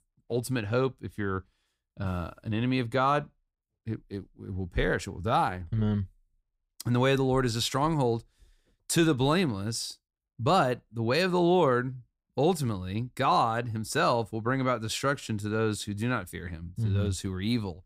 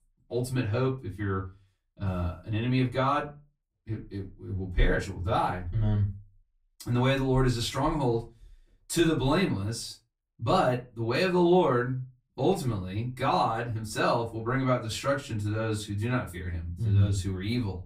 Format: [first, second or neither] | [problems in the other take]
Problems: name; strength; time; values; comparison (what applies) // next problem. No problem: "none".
first | off-mic speech; far // room echo; very slight; dies away in 0.2 s